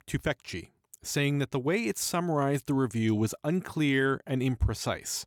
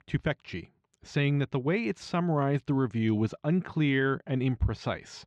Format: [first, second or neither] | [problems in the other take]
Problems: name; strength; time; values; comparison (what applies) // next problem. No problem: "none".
first | muffled; slightly; fading above 4 kHz